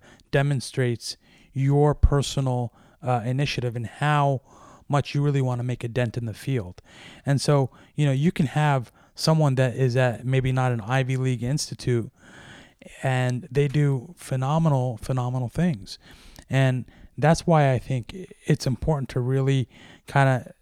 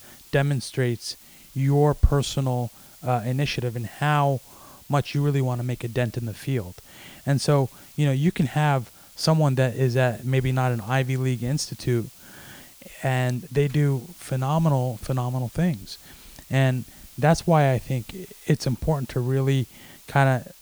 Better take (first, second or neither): first